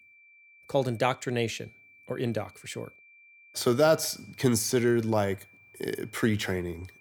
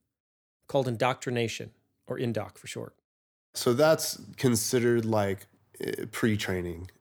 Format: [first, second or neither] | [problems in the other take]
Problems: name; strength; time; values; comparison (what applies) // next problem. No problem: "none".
second | high-pitched whine; faint; throughout; 2.5 kHz, 25 dB below the speech